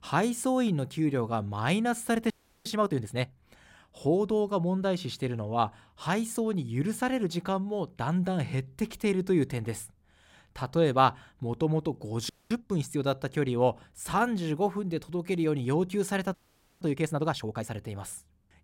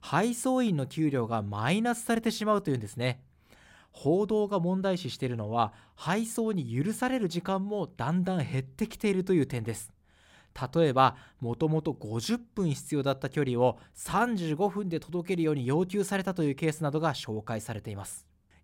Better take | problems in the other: second | audio freezing; at 2.5 s, at 12 s and at 16 s

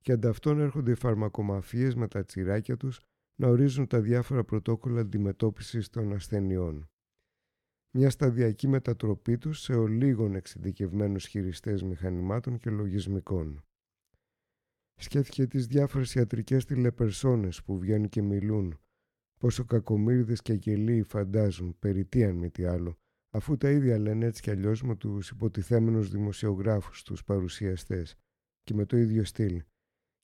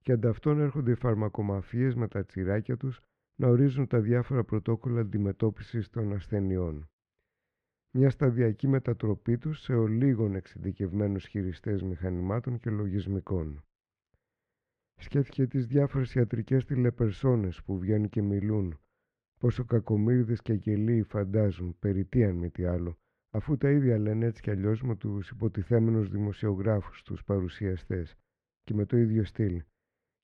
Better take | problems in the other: first | muffled; very; fading above 2 kHz

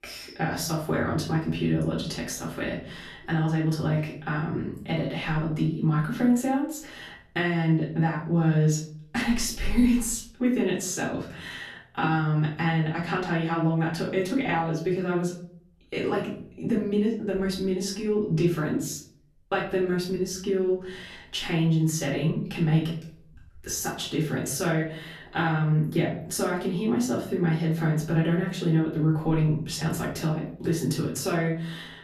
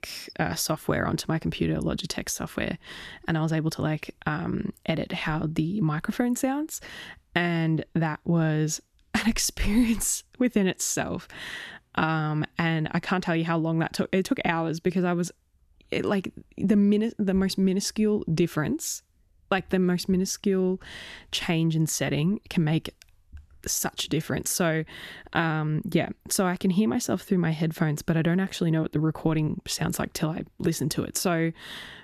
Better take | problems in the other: second | off-mic speech; far // room echo; slight; dies away in 0.5 s

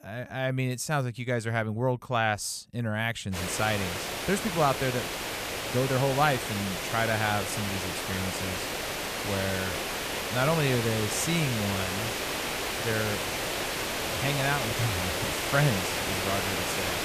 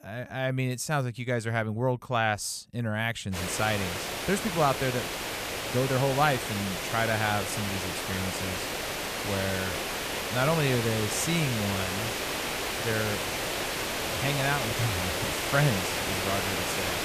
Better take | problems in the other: neither | hiss; loud; from 3.5 s on; 1 dB below the speech; the same in both

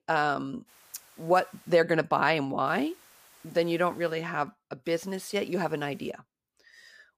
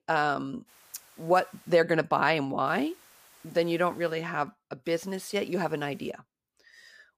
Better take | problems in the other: neither | hiss; faint; from 0.5 to 1.5 s, from 2.5 to 4 s and from 5 to 6 s; 30 dB below the speech; the same in both

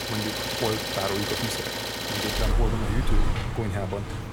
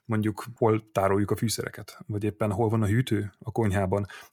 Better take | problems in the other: second | traffic noise; very loud; throughout; 4 dB above the speech

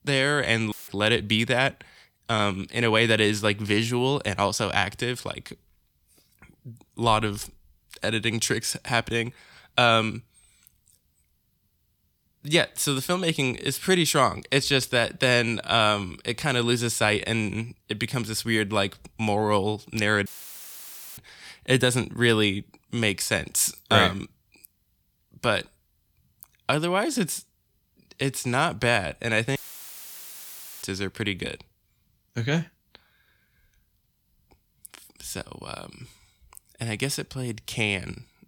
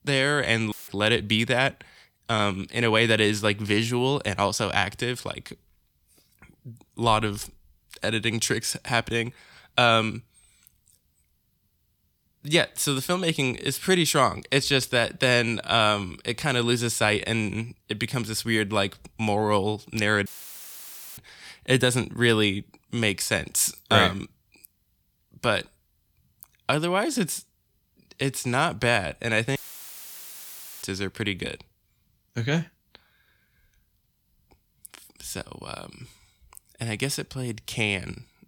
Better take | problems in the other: neither | audio cutting out; filled with static; at 0.5 s, at 20 s for 1 s and at 30 s for 1.5 s; the same in both

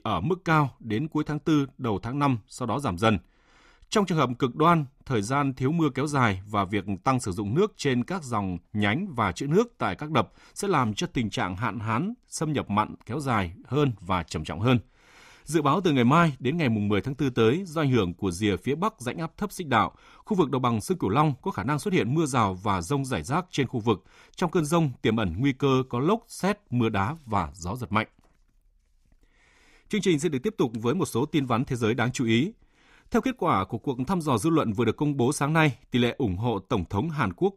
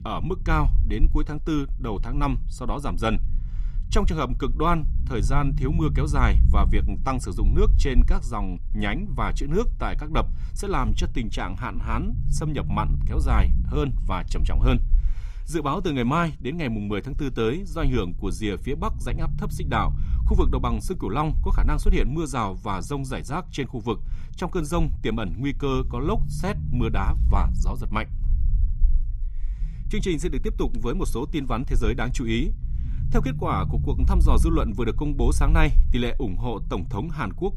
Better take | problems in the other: first | low rumble; noticeable; throughout; 15 dB below the speech

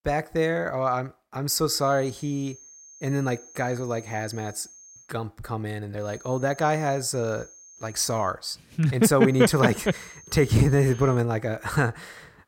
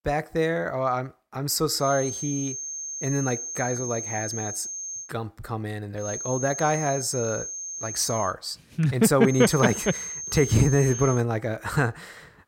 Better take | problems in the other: first | high-pitched whine; loud; from 2 to 5 s, from 6 to 8.5 s and from 9.5 to 11 s; 6.5 kHz, 6 dB below the speech; faint in the first

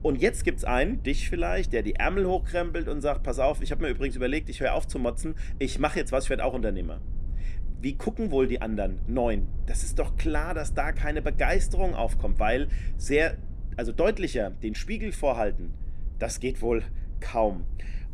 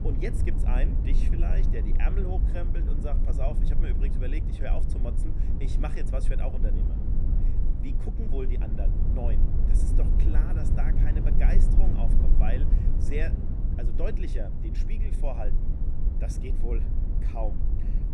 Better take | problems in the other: first | low rumble; loud; throughout; 3 dB below the speech; faint in the first

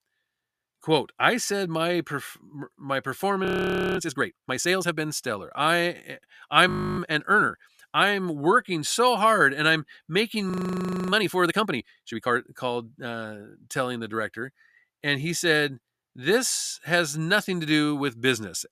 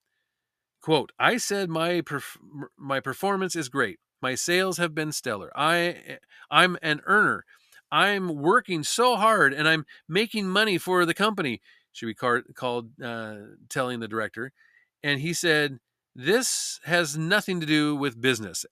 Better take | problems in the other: second | audio freezing; at 3.5 s for 0.5 s, at 6.5 s and at 11 s for 0.5 s

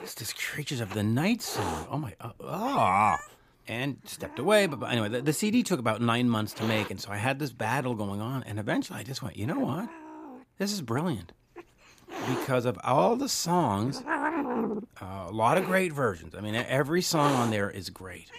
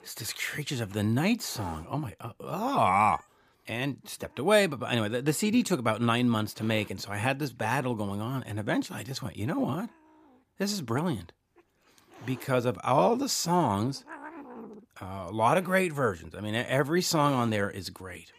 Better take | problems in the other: second | hiss; loud; throughout; 8 dB below the speech; faint in the second

